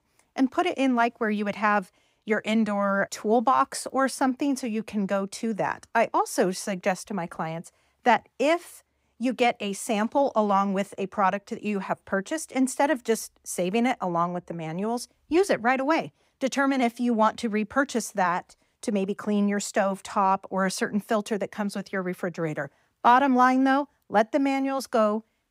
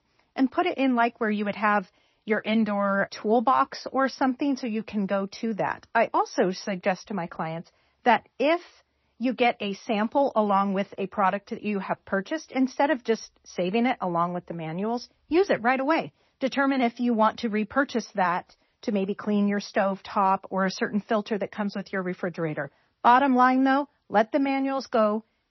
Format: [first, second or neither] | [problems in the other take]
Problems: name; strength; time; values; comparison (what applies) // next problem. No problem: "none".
first | garbled, watery; slightly; nothing above 6 kHz